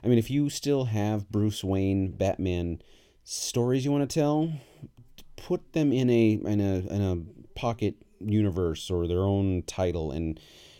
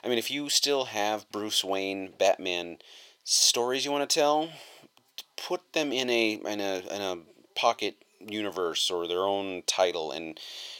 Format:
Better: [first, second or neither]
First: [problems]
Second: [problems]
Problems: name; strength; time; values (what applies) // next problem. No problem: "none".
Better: first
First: none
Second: thin; very; fading below 800 Hz